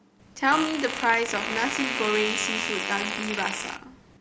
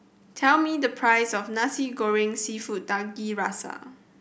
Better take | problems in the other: second | background sound (Fart); 3 dB below the speech

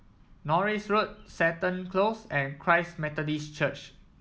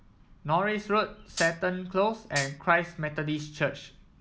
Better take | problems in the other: first | background sound (Hi-hat); 8 dB below the speech

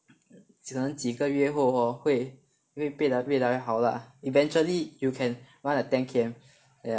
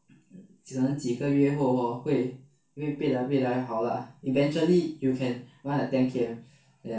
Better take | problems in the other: first | room echo; dies away in 0.2 s

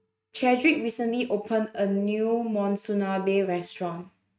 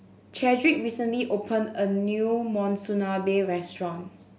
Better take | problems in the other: second | noise reduction (neural mask model RNNoise)

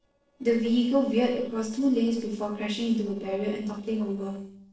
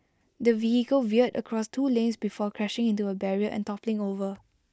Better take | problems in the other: second | noise reduction (neural separator model SepFormer DNS4)

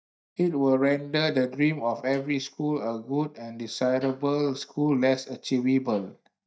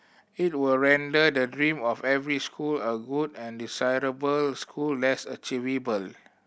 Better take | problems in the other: second | noise reduction (neural mask model DeepFilterNet 3)

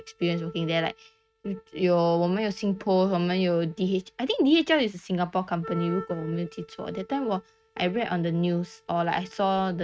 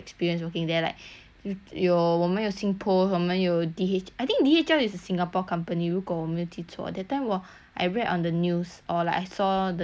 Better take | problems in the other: second | noise reduction (neural mask model RNNoise)

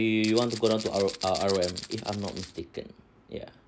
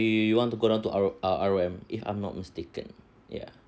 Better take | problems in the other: second | background sound (Rattle (instrument)); 10 dB below the speech

